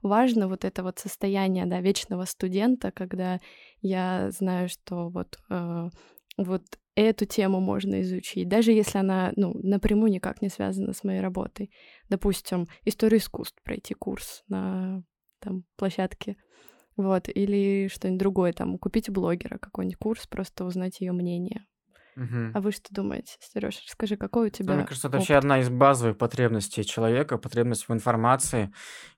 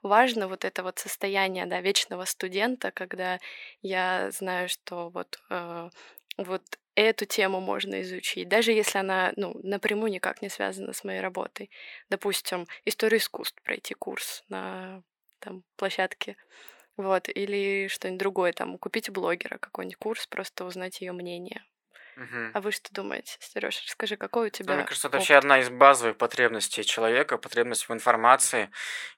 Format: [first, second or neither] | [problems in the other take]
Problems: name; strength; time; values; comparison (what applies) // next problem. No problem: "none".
first | thin; very; fading below 500 Hz